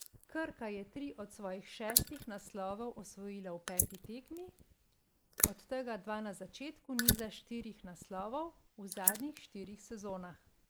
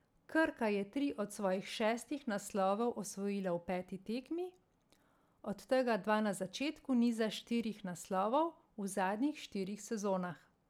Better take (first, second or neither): second